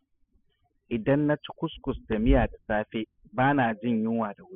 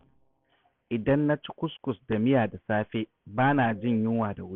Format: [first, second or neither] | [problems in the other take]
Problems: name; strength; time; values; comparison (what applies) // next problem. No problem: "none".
second | noise reduction (classical method spectral subtraction)